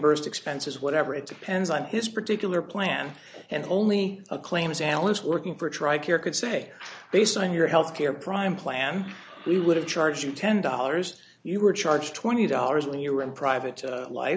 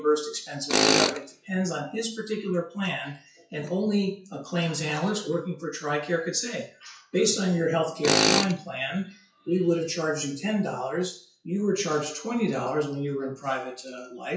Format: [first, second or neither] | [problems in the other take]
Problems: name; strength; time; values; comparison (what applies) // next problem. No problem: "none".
first | noise reduction (classical method WPE with log-MMSE)